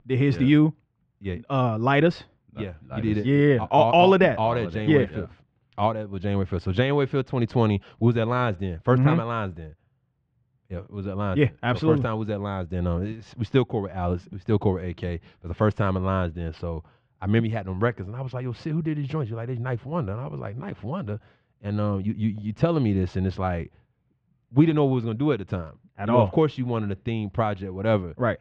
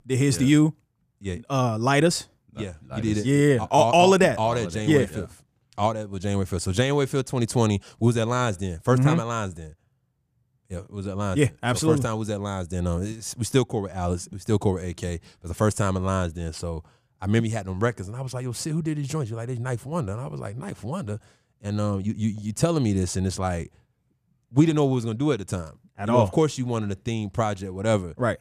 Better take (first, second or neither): second